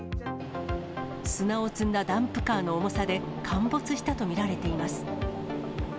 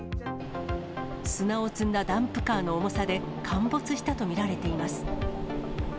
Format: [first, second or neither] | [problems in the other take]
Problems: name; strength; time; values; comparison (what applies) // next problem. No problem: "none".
first | background sound (Insect); 13 dB below the speech